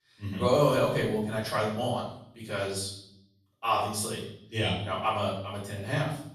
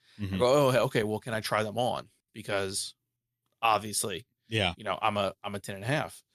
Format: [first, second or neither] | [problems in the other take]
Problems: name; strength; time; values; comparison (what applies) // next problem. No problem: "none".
second | room echo; noticeable; dies away in 0.6 s // off-mic speech; far